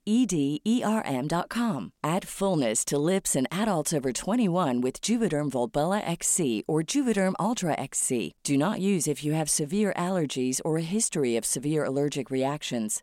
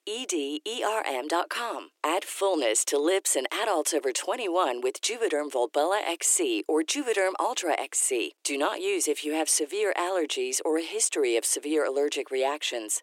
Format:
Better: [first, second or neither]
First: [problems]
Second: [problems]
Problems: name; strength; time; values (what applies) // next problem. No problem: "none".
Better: first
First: none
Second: thin; very; fading below 300 Hz